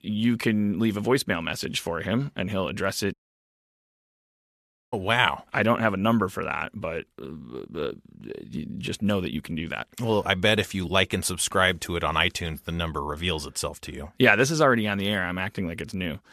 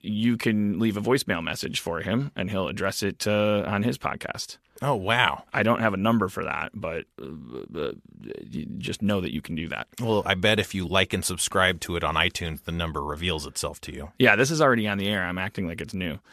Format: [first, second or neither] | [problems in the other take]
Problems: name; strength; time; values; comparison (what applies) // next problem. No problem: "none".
second | audio cutting out; at 3 s for 2 s